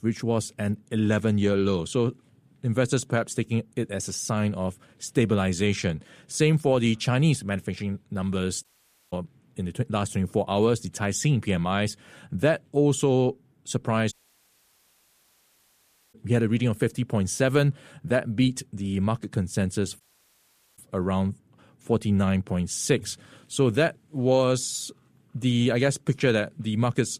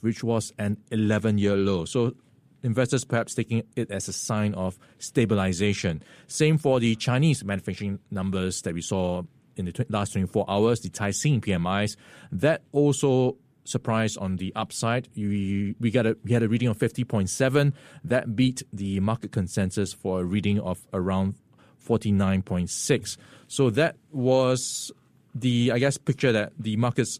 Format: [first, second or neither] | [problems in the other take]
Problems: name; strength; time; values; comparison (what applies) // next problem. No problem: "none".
second | audio cutting out; at 8.5 s, at 14 s for 2 s and at 20 s for 1 s